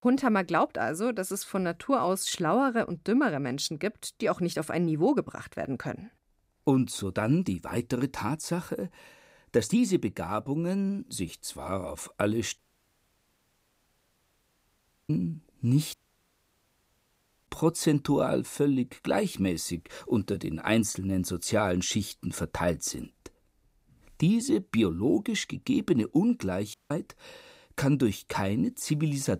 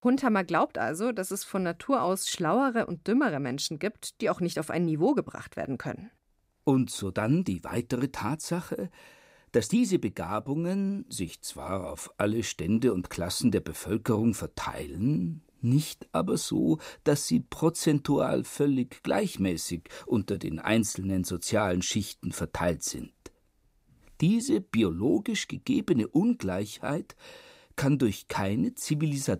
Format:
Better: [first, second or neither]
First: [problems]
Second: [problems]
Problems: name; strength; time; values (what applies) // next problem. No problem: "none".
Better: second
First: audio cutting out; at 13 s for 2.5 s, at 16 s for 1.5 s and at 27 s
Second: none